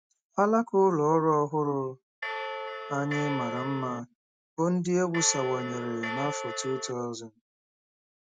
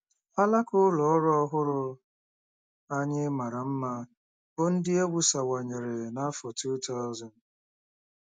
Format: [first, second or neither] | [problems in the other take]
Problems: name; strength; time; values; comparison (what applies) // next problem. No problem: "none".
second | background sound (Bell); 6 dB below the speech